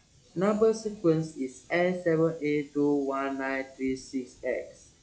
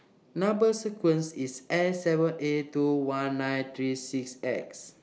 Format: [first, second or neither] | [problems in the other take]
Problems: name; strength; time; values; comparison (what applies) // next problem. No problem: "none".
second | noise reduction (classical method log-MMSE)